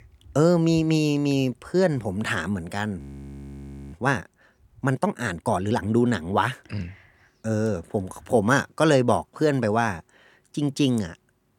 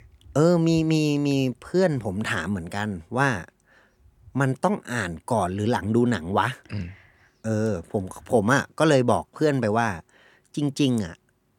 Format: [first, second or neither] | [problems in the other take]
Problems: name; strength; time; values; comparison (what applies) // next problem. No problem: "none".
second | audio freezing; at 3 s for 1 s